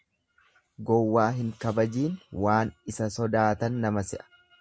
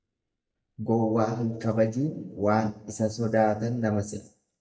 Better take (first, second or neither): first